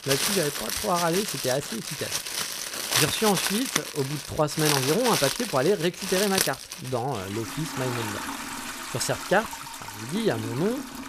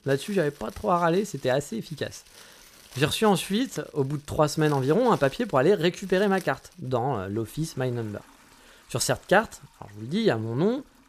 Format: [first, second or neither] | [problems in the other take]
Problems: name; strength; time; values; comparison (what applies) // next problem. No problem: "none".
second | household noises; loud; throughout; 1 dB below the speech; faint in the second